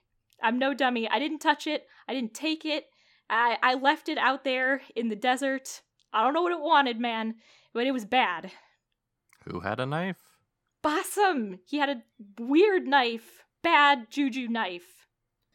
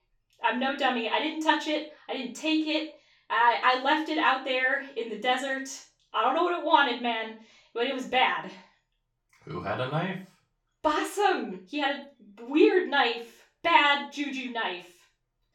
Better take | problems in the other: first | room echo; slight; dies away in 0.3 s // off-mic speech; far

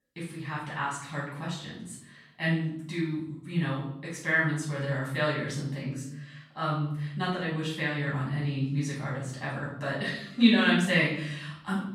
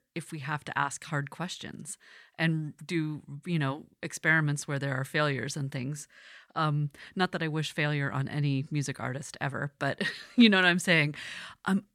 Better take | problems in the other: second | off-mic speech; far // room echo; noticeable; dies away in 0.7 s

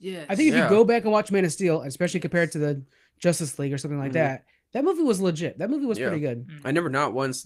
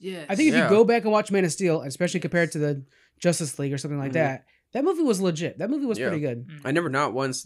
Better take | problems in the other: second | garbled, watery; slightly; nothing above 15.5 kHz

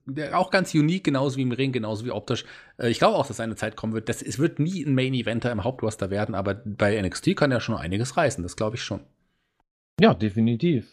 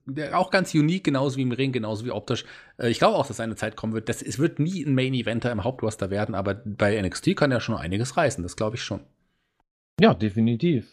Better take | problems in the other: neither | none

